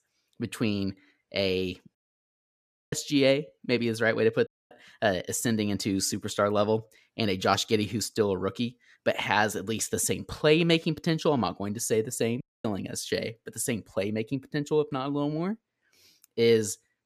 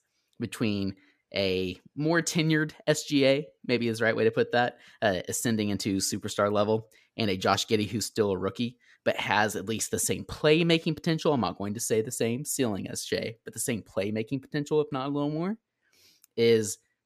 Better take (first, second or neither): second